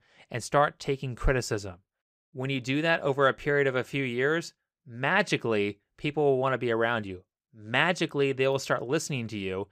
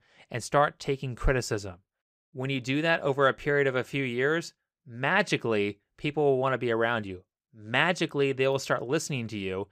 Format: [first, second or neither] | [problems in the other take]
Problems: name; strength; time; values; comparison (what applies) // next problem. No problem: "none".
neither | none